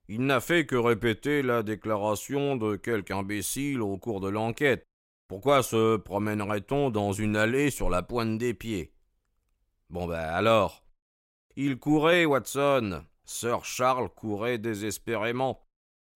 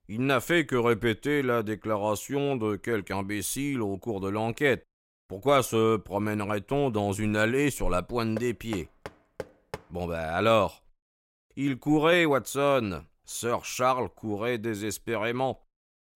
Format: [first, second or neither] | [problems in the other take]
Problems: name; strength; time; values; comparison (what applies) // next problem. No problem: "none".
first | door banging; faint; from 8.5 to 10 s; peak 15 dB below the speech